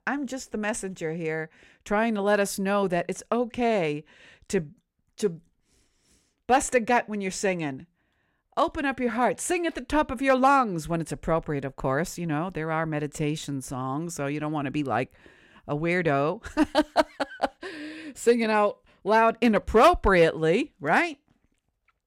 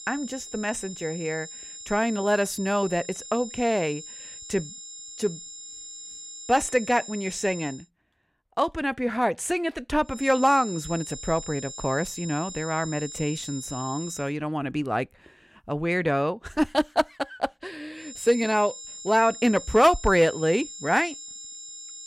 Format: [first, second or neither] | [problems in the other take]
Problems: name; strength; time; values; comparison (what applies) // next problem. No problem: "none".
first | high-pitched whine; noticeable; until 8 s, from 10 to 14 s and from 18 s on; 7 kHz, 10 dB below the speech